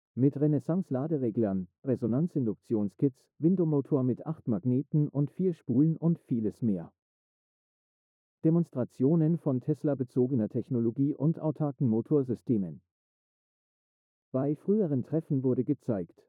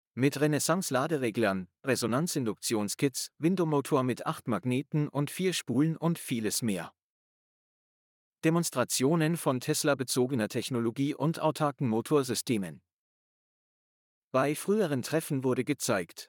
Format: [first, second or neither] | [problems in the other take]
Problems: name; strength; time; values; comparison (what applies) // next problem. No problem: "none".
second | muffled; very; fading above 1 kHz